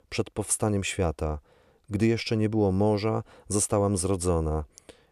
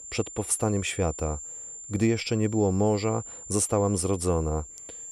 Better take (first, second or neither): first